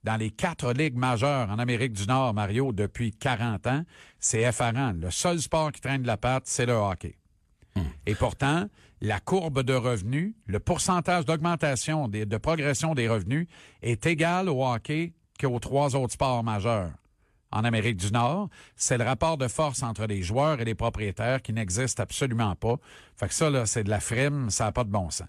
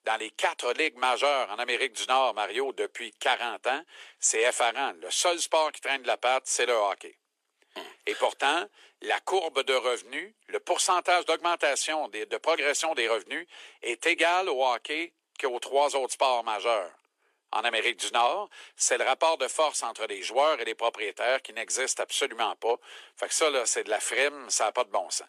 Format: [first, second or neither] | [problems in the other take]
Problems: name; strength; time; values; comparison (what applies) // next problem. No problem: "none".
first | thin; very; fading below 350 Hz